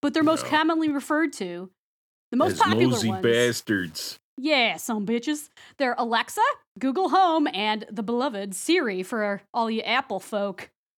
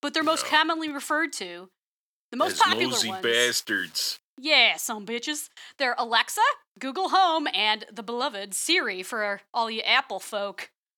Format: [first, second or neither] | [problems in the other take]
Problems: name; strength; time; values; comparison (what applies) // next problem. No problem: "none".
first | thin; somewhat; fading below 1 kHz